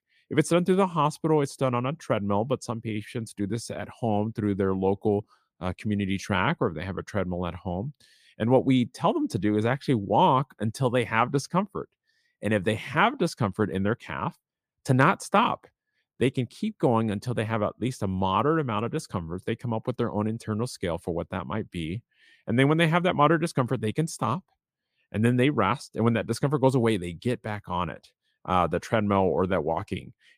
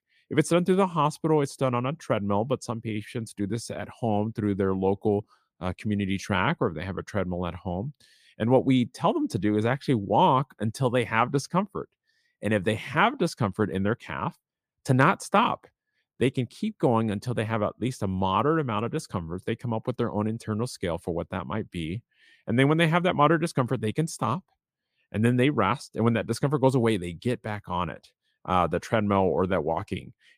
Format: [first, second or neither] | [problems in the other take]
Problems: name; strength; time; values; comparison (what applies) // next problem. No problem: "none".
neither | none